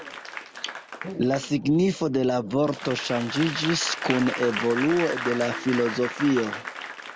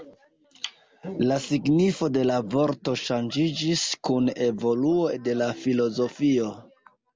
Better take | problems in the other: second | background sound (Applause / Crowd); 9 dB below the speech

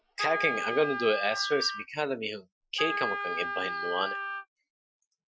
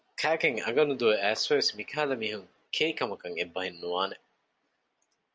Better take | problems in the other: second | noise reduction (classical method Wiener filter)

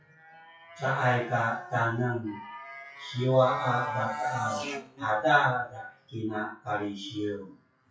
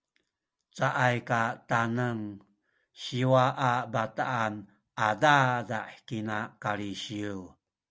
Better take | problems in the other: second | noise reduction (classical method WPE with log-MMSE)

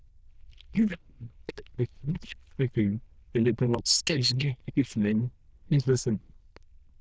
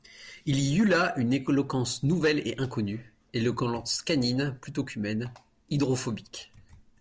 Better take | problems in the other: second | noise reduction (neural diffusion model UNIVERSE++)

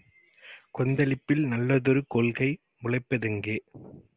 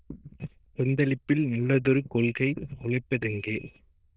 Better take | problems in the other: first | noise reduction (neural diffusion model UNIVERSE++)

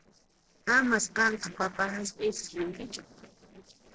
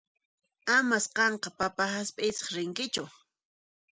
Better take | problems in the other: second | noise reduction (neural separator model SepFormer DNS4)

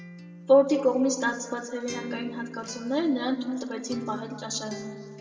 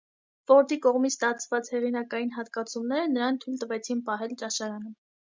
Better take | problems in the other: second | background sound (Acoustic guitar); 16 dB below the speech // room echo; dies away in 1.6 s

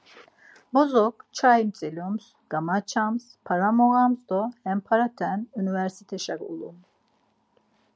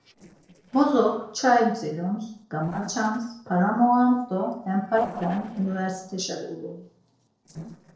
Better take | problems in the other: first | noise reduction (neural separator model SepFormer DNS4)

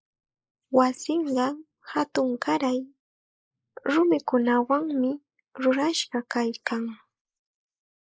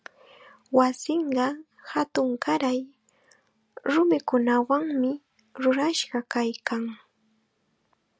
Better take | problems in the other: second | noise reduction (neural mask model Resemble Enhance denoiser)

